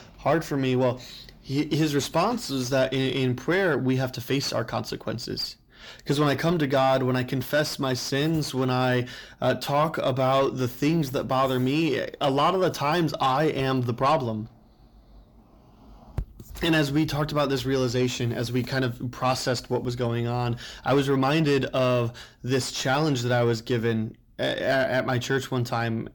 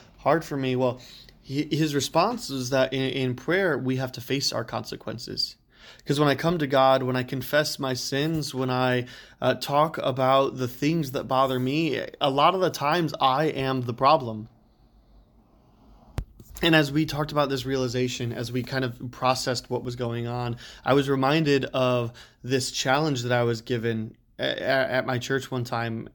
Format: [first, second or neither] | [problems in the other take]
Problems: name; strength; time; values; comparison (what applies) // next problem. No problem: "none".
second | distortion; slight; 10 dB below the speech